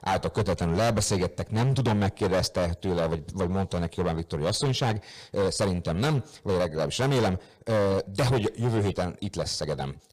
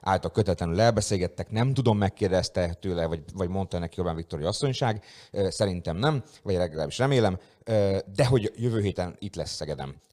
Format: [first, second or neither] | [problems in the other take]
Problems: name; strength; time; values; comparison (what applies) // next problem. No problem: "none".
second | distortion; heavy; 16% of the sound clipped